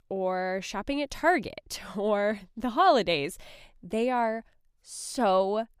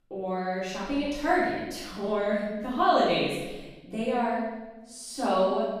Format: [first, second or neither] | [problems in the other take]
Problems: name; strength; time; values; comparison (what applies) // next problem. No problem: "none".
first | off-mic speech; far // room echo; strong; dies away in 1 s